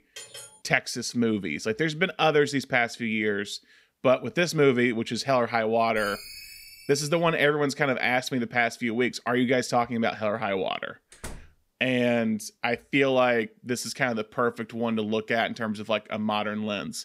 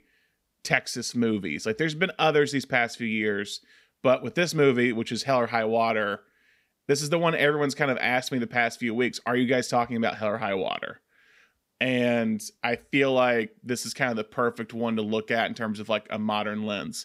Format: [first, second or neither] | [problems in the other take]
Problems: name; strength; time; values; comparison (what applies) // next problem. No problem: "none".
second | clattering dishes; faint; at the start; peak 15 dB below the speech // phone ringing; faint; from 6 to 7.5 s; peak 15 dB below the speech // door banging; faint; at 11 s; peak 15 dB below the speech